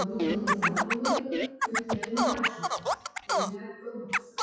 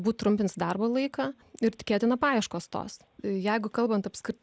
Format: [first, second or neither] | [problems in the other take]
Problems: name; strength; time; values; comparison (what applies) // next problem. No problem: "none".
second | noise reduction (classical method WPE with log-MMSE)